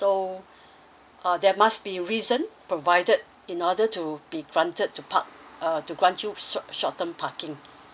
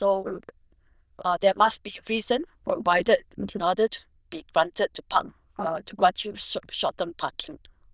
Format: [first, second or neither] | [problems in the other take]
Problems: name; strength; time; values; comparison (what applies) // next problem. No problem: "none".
first | noise reduction (neural diffusion model UNIVERSE++)